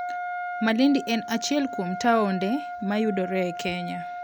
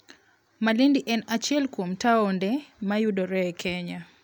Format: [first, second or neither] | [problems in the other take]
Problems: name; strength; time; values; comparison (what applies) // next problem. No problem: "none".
second | background sound (Wind instrument, woodwind instrument); 8 dB below the speech